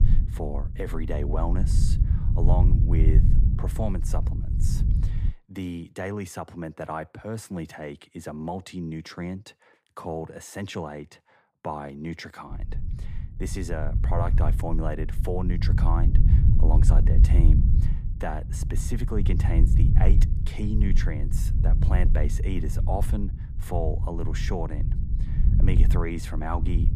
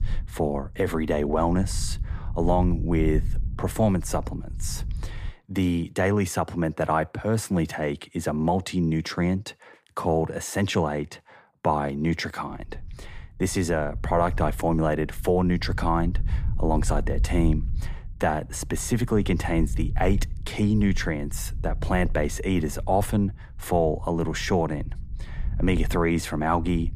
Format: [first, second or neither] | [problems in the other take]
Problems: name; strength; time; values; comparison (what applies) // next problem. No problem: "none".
second | low rumble; loud; until 5.5 s and from 13 s on; 5 dB below the speech; faint in the second